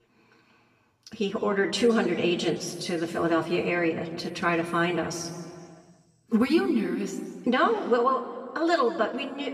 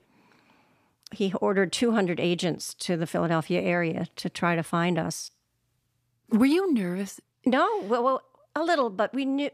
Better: second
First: room echo; slight; dies away in 1.7 s // off-mic speech; far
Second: none

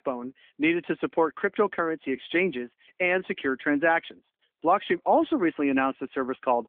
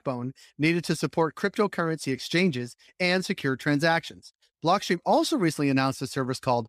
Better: second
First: phone-call audio; nothing above 3.5 kHz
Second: none

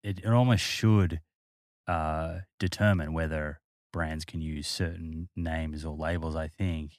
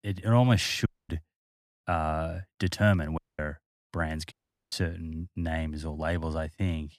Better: first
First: none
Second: audio cutting out; at 1 s, at 3 s and at 4.5 s

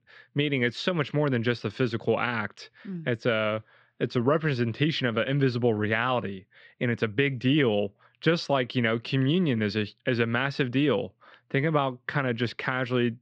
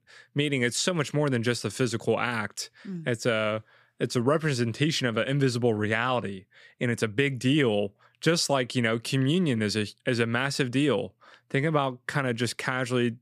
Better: second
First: muffled; slightly; fading above 4 kHz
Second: none

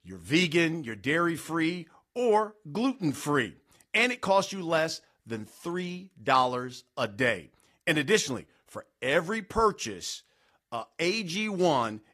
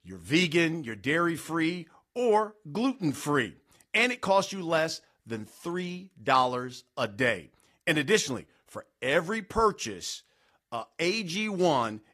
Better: neither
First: garbled, watery; slightly; nothing above 14.5 kHz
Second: garbled, watery; slightly; nothing above 14.5 kHz

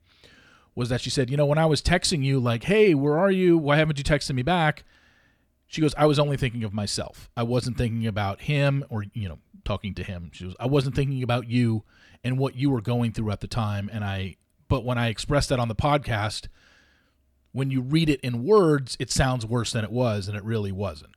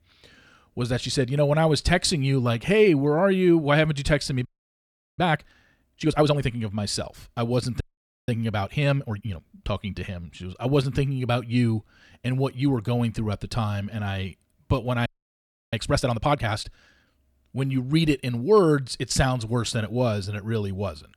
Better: first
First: none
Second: audio freezing; at 4.5 s for 0.5 s, at 8 s and at 15 s for 0.5 s

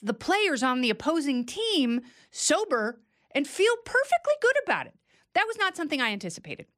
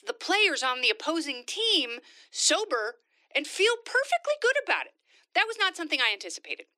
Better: first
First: none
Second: thin; somewhat; fading below 300 Hz

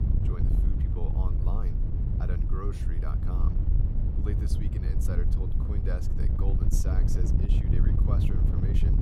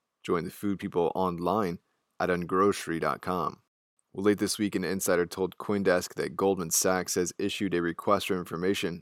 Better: second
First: wind noise on the microphone; heavy; 2 dB above the speech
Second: none

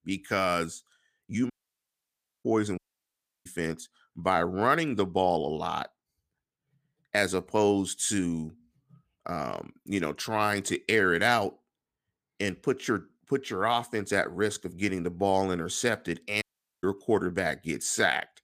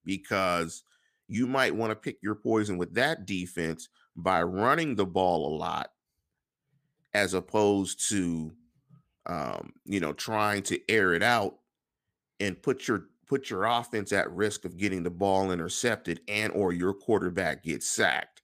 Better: second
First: audio cutting out; at 1.5 s for 1 s, at 3 s for 0.5 s and at 16 s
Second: none

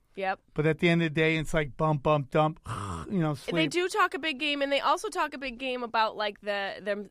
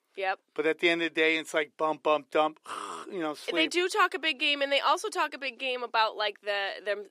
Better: first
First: none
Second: thin; very; fading below 350 Hz

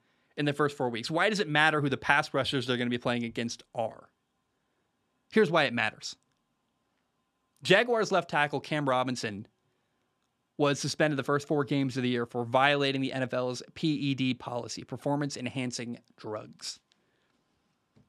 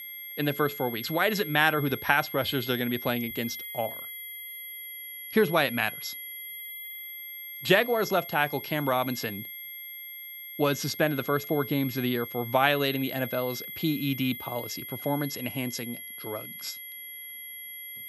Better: first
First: none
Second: high-pitched whine; loud; throughout; 11.5 kHz, 9 dB below the speech

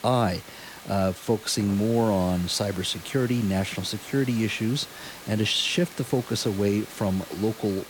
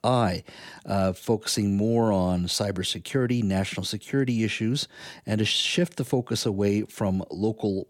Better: second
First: hiss; noticeable; throughout; 15 dB below the speech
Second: none

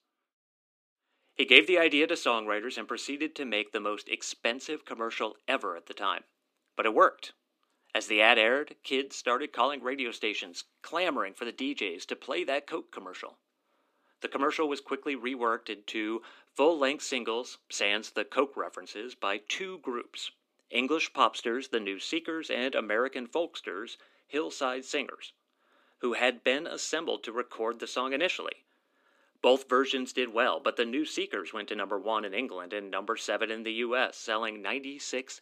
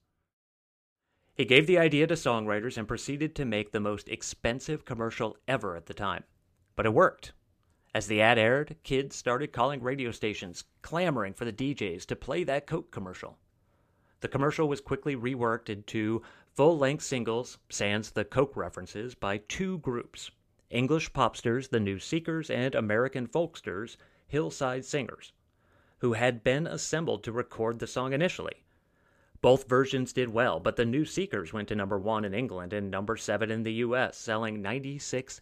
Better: second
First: thin; very slightly; fading below 250 Hz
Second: none

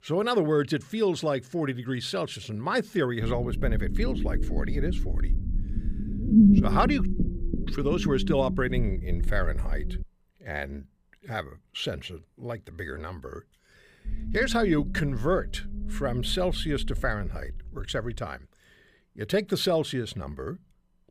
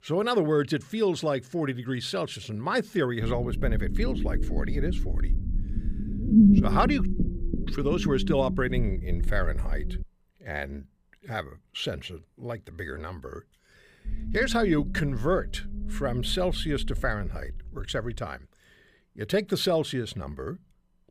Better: neither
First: low rumble; loud; from 3 to 10 s and from 14 to 18 s; 5 dB below the speech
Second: low rumble; loud; from 3 to 10 s and from 14 to 18 s; 5 dB below the speech

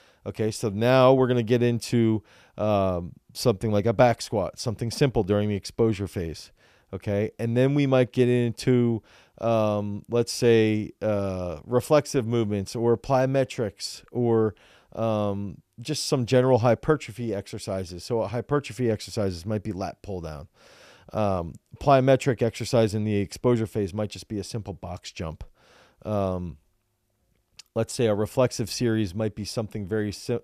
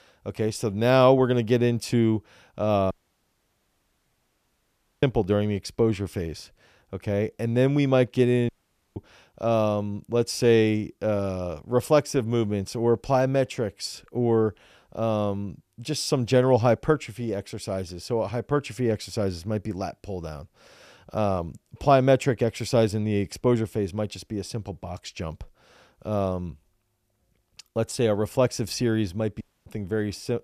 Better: first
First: none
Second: audio cutting out; at 3 s for 2 s, at 8.5 s and at 29 s

